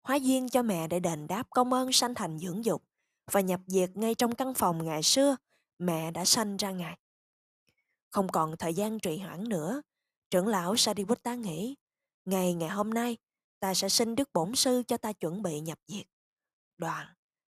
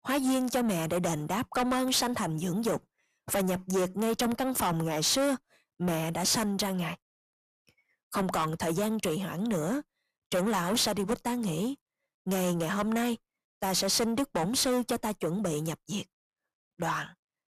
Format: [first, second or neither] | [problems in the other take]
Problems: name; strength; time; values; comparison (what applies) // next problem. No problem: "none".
first | distortion; heavy; 6 dB below the speech